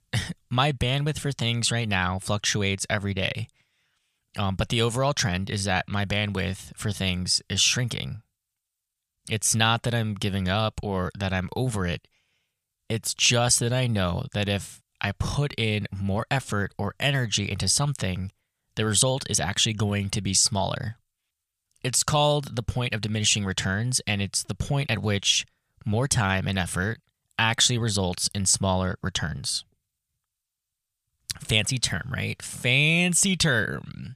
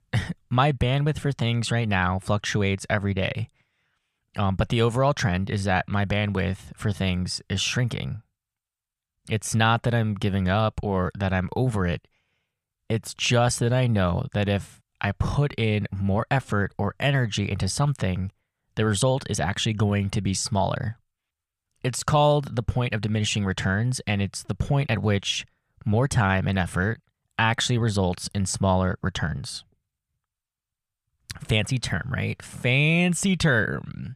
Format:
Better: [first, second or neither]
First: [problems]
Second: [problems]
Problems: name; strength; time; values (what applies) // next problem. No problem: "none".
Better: first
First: none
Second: muffled; slightly; fading above 2.5 kHz